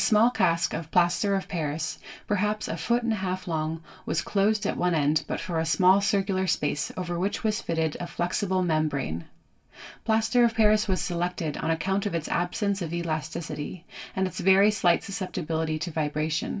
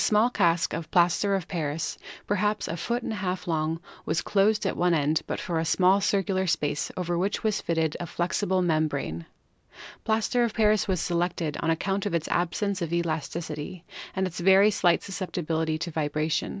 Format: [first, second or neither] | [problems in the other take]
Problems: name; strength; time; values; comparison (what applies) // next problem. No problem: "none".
second | room echo; dies away in 0.2 s